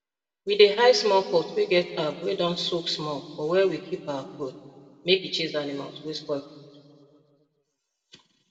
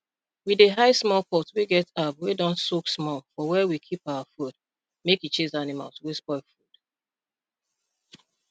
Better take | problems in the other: second | room echo; dies away in 1.9 s

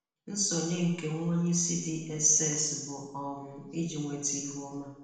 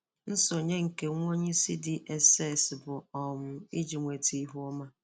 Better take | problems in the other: second | room echo; dies away in 0.9 s

